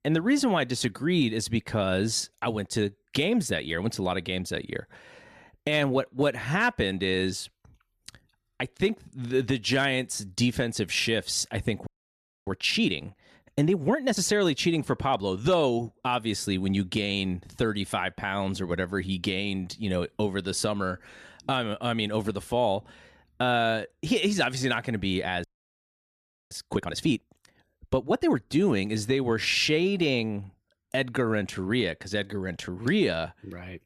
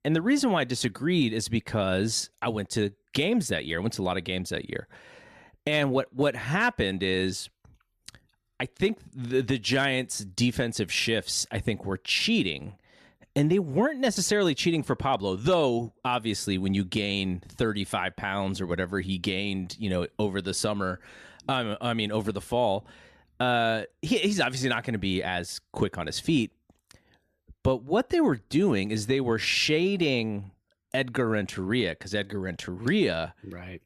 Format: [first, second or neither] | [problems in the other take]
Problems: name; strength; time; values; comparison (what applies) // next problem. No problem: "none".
second | audio freezing; at 12 s for 0.5 s and at 25 s for 1 s